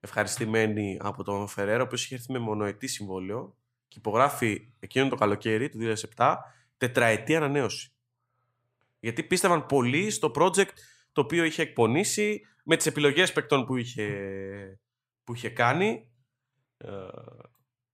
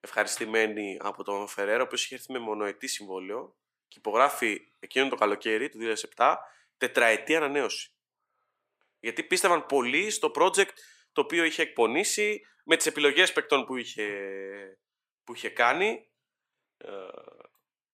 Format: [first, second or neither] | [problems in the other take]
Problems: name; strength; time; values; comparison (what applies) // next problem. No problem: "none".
first | thin; somewhat; fading below 300 Hz